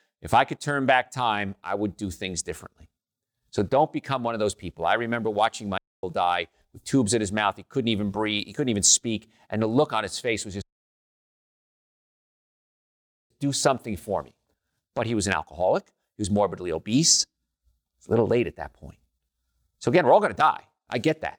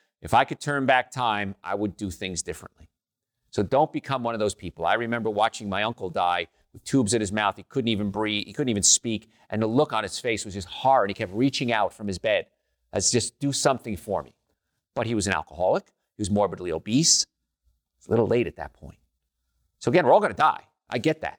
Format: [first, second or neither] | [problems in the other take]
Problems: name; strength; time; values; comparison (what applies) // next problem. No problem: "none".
second | audio cutting out; at 6 s and at 11 s for 2.5 s